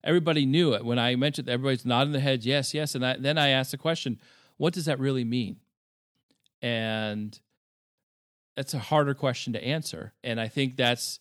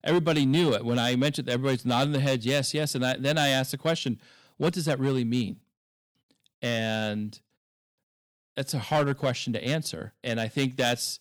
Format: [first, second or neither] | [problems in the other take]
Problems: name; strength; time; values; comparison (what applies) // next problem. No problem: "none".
first | distortion; slight; 4% of the sound clipped